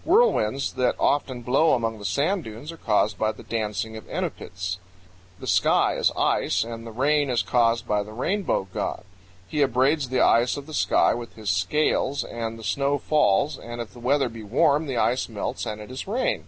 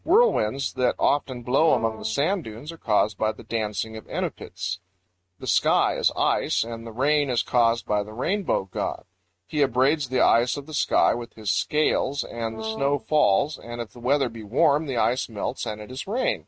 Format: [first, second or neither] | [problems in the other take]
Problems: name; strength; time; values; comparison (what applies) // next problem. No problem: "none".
first | noise reduction (neural mask model RNNoise)